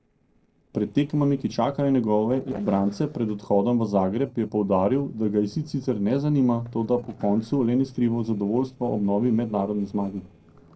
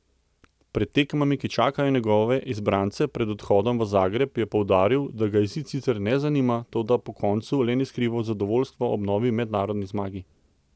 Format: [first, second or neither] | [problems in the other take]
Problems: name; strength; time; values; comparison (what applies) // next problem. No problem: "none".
second | noise reduction (neural separator model SepFormer DNS4)